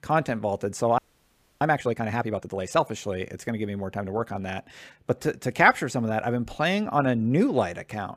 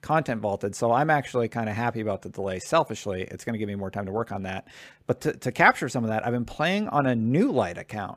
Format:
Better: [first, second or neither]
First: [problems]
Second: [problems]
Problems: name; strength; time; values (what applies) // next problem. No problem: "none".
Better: second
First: audio freezing; at 1 s for 0.5 s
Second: none